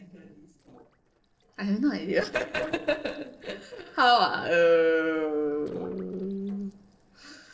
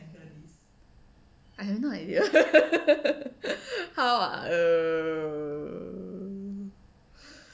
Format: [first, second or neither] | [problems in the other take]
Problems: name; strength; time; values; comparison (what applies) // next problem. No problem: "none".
second | noise reduction (neural separator model SepFormer DNS4)